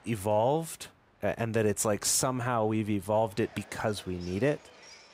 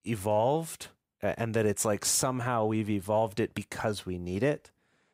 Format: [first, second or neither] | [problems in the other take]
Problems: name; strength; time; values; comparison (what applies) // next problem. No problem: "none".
second | train or aircraft noise; faint; throughout; 25 dB below the speech